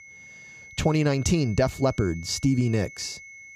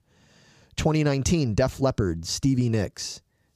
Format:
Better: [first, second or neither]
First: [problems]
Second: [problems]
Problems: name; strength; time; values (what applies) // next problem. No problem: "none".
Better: second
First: high-pitched whine; noticeable; throughout; 2 kHz, 20 dB below the speech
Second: none